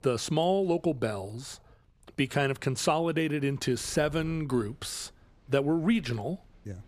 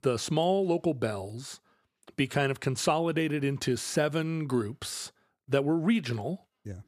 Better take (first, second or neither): second